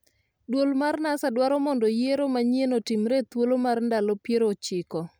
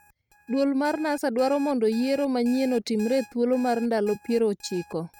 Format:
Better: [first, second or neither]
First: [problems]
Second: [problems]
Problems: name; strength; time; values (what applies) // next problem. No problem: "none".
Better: first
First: none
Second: noise reduction (neural mask model RNNoise)